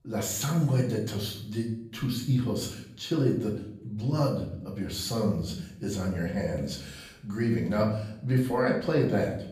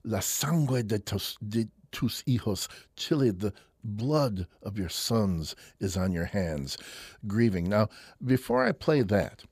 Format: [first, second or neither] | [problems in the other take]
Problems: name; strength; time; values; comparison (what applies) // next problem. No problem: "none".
second | room echo; noticeable; dies away in 0.6 s // off-mic speech; far